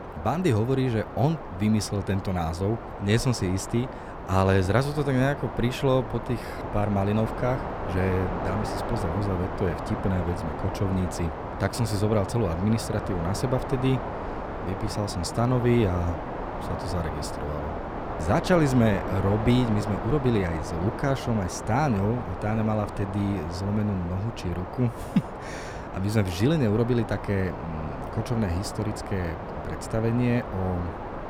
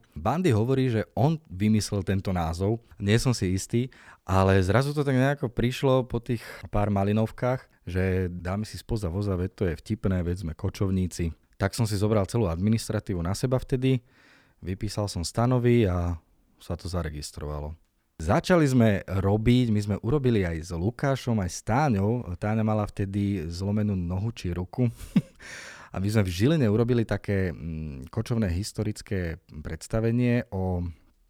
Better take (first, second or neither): second